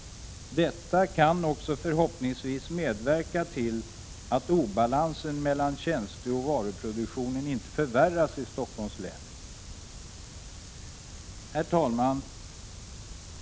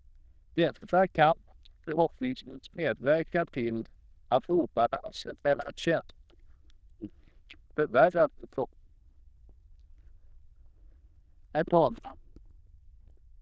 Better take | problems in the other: first | noise reduction (neural diffusion model UNIVERSE++)

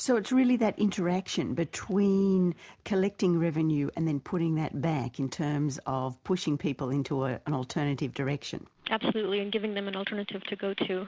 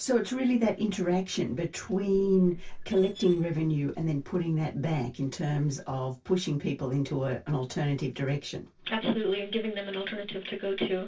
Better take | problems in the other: first | noise reduction (neural separator model SepFormer DNS4)

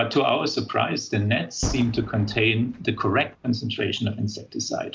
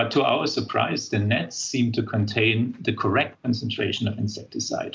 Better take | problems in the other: second | background sound (Boom); 13 dB below the speech

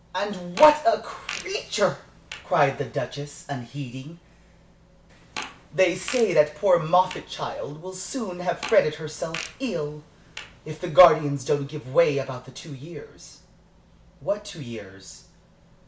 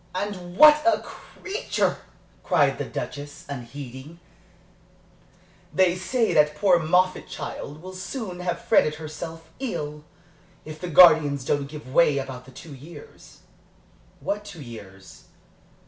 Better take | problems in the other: second | background sound (Fart); 15 dB below the speech

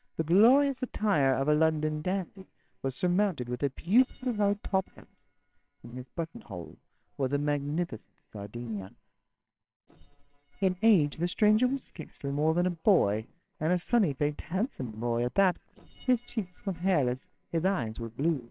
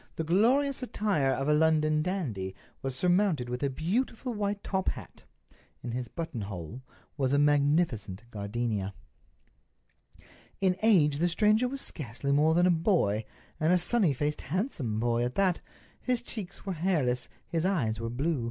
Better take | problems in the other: second | noise reduction (neural separator model SepFormer WHAMR!)

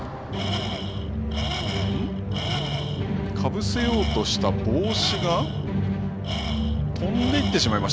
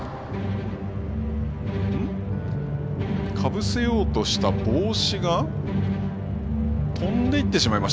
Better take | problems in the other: second | background sound (Tools); 10 dB below the speech

